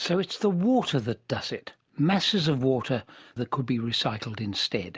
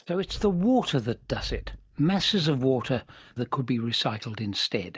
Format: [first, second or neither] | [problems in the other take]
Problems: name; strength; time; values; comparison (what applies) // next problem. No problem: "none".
first | noise reduction (neural mask model DeepFilterNet 3)